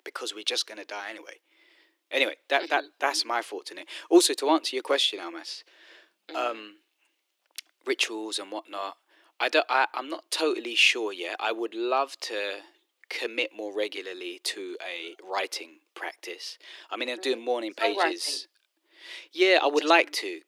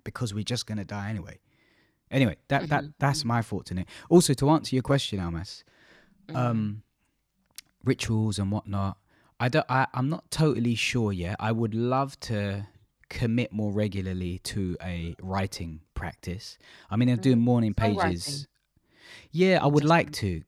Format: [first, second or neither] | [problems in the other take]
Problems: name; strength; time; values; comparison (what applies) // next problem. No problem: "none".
second | thin; very; fading below 350 Hz